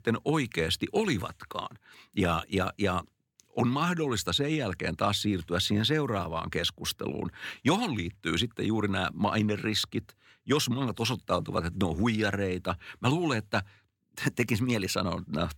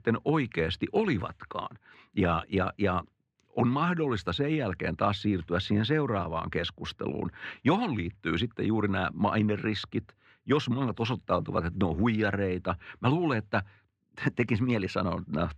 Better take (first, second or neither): first